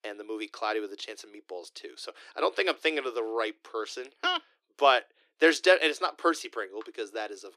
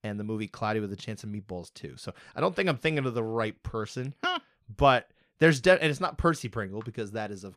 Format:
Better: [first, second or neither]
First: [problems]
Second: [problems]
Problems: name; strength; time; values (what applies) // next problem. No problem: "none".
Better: second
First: thin; very; fading below 300 Hz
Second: none